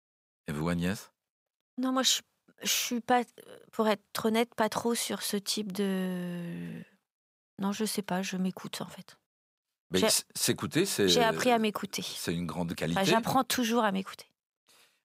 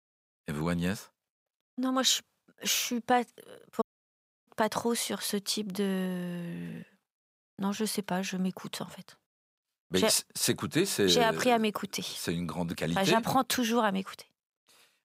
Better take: first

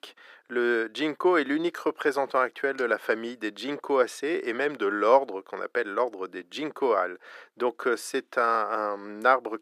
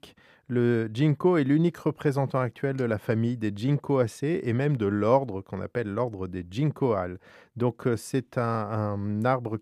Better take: second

